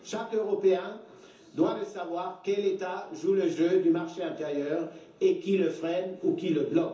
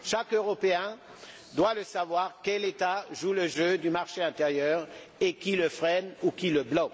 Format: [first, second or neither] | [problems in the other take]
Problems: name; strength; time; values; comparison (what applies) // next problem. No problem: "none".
second | room echo; dies away in 0.6 s